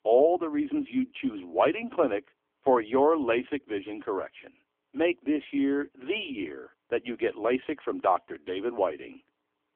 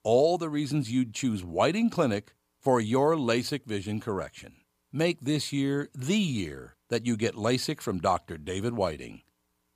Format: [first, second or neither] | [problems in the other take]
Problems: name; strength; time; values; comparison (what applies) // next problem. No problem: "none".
second | phone-call audio; poor line; nothing above 3.5 kHz